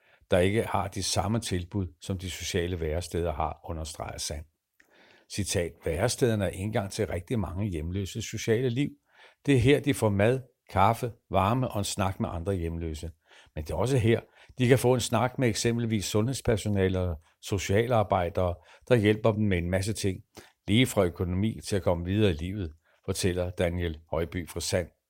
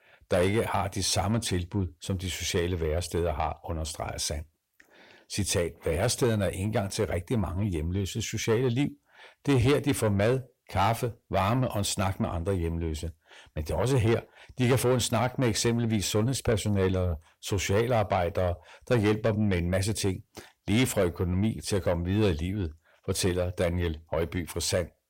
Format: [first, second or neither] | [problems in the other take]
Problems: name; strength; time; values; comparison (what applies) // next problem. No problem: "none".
first | distortion; slight; 10 dB below the speech